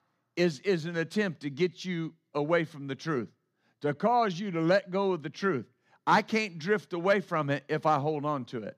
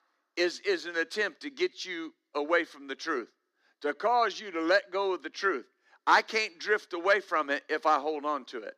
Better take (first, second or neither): first